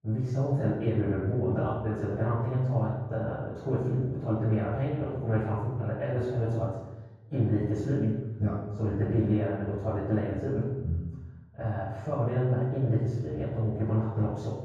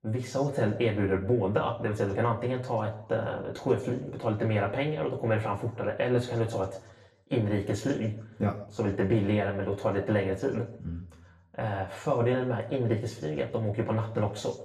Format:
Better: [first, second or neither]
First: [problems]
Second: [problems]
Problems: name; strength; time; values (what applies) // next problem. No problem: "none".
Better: second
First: room echo; strong; dies away in 1.3 s // off-mic speech; far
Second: room echo; slight; dies away in 0.6 s // off-mic speech; far